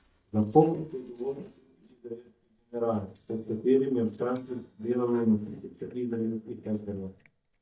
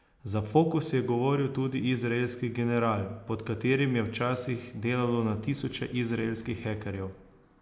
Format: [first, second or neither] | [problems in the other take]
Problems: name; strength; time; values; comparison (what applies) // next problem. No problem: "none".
second | noise reduction (neural mask model DeepFilterNet 3)